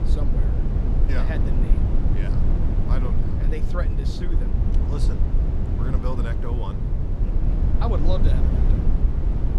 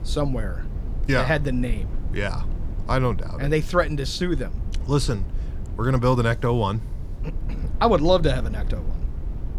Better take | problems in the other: second | low rumble; loud; throughout; 1 dB below the speech; faint in the second

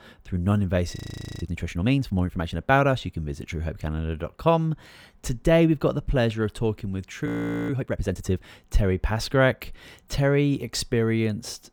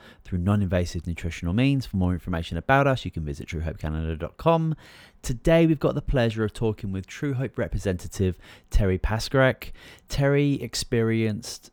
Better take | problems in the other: second | audio freezing; at 1 s and at 7.5 s

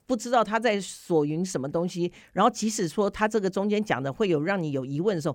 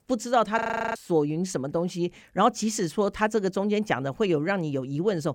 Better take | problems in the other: first | audio freezing; at 0.5 s

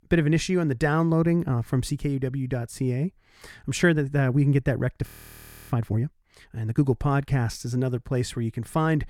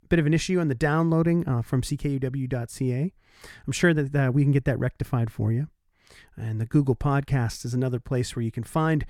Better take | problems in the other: second | audio freezing; at 5 s for 0.5 s

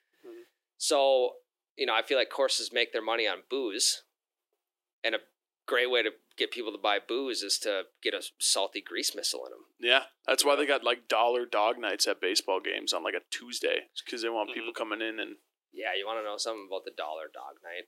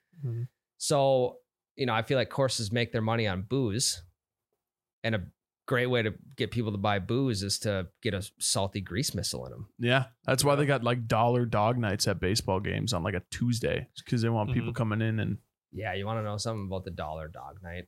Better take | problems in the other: second | thin; very; fading below 300 Hz

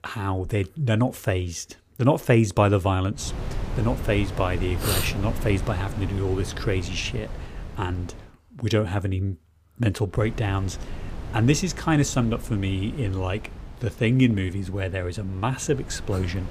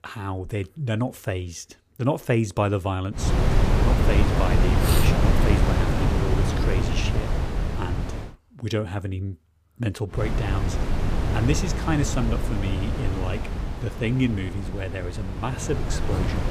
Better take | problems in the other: first | wind noise on the microphone; heavy; from 3 to 8.5 s and from 10 s on; as loud as the speech; occasional gusts in the first

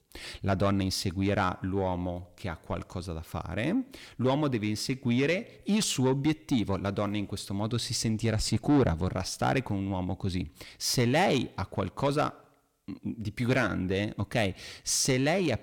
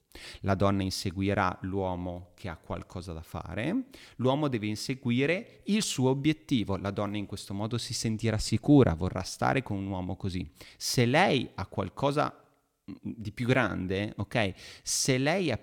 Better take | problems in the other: second | distortion; slight; 10 dB below the speech

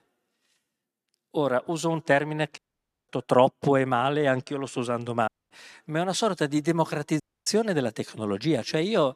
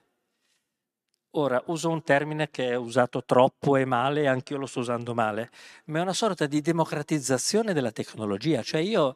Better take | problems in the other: second | audio cutting out; at 2.5 s for 0.5 s, at 5.5 s and at 7 s

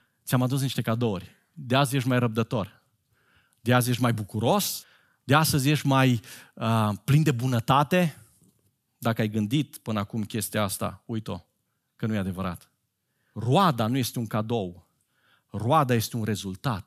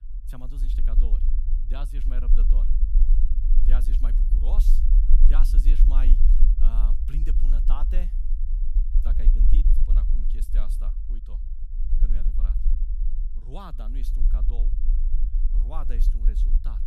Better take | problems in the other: first | low rumble; loud; throughout; 4 dB below the speech

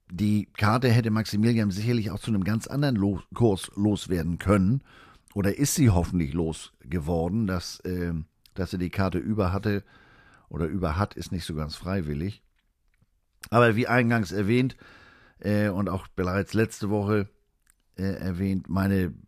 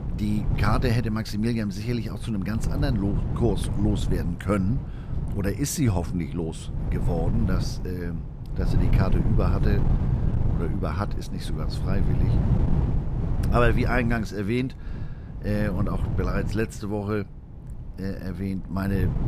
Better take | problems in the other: first | wind noise on the microphone; heavy; 8 dB below the speech

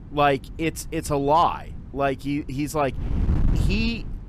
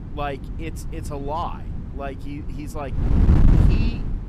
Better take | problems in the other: first | wind noise on the microphone; heavy; 2 dB below the speech; occasional gusts in the first

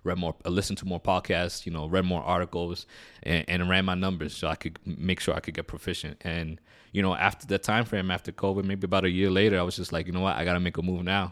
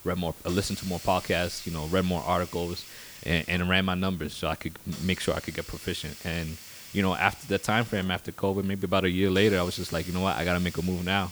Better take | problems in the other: first | hiss; noticeable; throughout; 15 dB below the speech

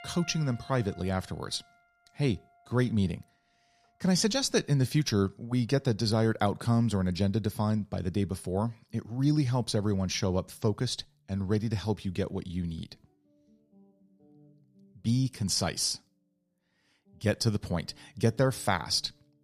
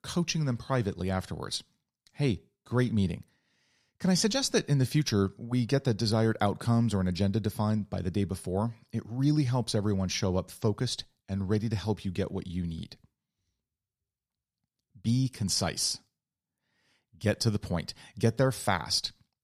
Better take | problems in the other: second | background music; faint; throughout; 30 dB below the speech

